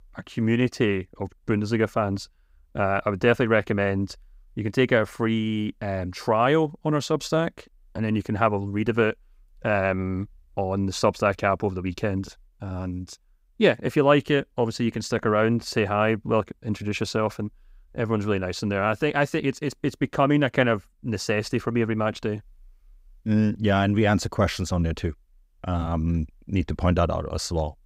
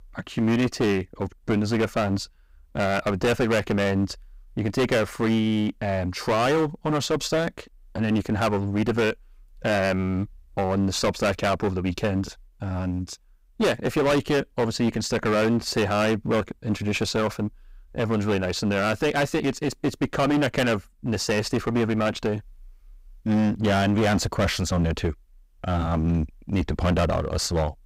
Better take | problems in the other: first | distortion; heavy; 16% of the sound clipped

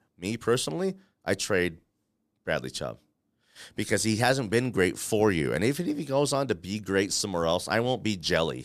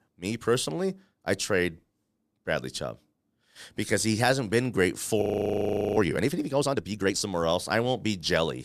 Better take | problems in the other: first | audio freezing; at 5 s for 1 s

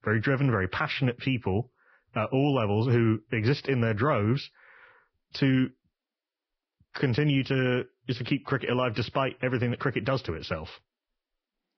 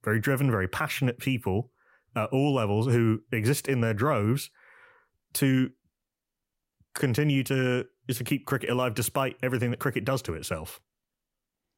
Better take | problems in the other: second | garbled, watery; badly; nothing above 5.5 kHz

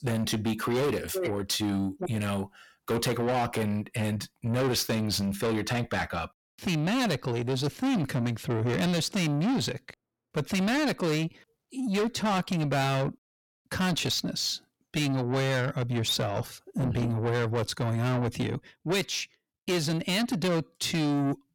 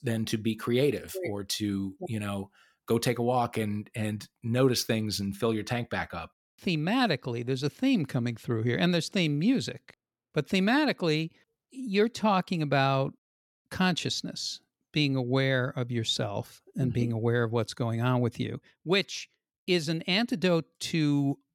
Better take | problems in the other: second | distortion; heavy; 6 dB below the speech

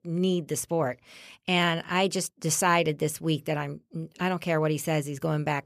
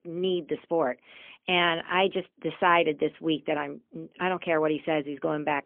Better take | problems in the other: first | phone-call audio; poor line; nothing above 3.5 kHz

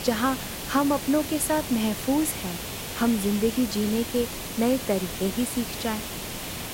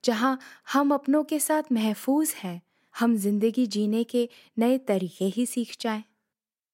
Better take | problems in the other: second | hiss; loud; throughout; 6 dB below the speech

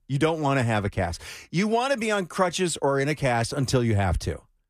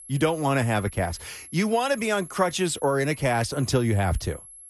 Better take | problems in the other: first | high-pitched whine; noticeable; throughout; 11 kHz, 15 dB below the speech

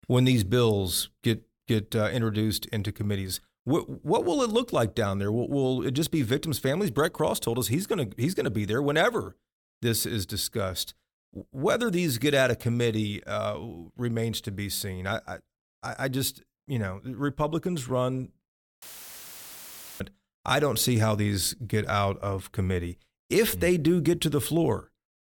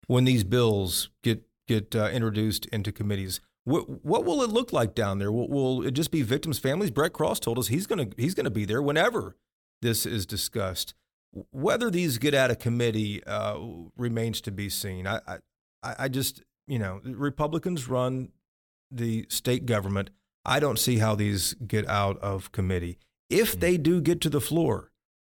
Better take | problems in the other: second | audio cutting out; filled with static; at 19 s for 1 s

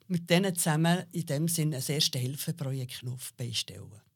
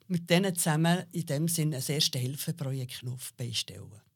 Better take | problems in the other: neither | none

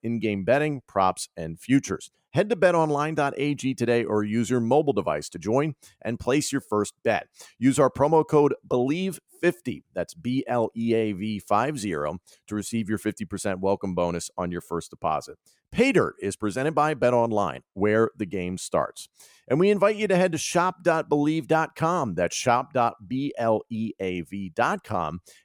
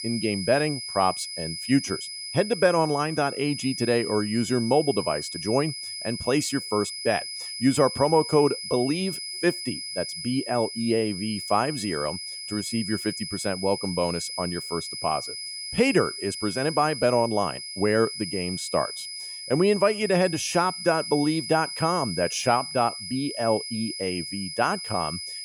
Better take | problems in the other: first | high-pitched whine; loud; throughout; 5 kHz, 7 dB below the speech

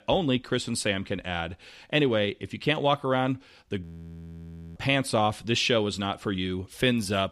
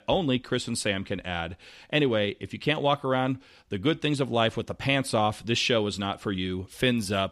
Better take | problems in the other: second | audio freezing; at 4 s for 1 s

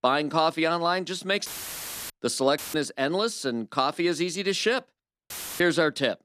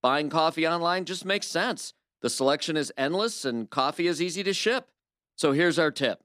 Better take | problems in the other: second | audio cutting out; filled with static; at 1.5 s for 0.5 s, at 2.5 s and at 5.5 s

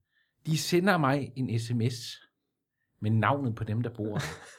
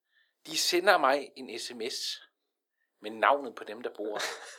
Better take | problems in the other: first | thin; very; fading below 400 Hz

